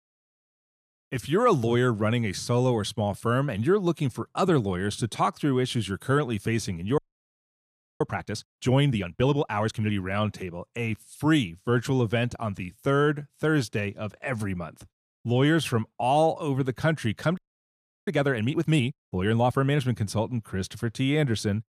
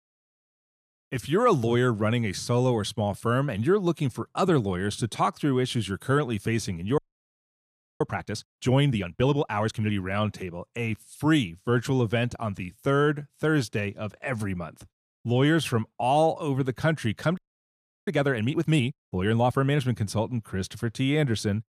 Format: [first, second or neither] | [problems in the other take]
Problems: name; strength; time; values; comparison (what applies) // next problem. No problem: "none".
neither | audio freezing; at 7 s for 1 s and at 17 s for 0.5 s; the same in both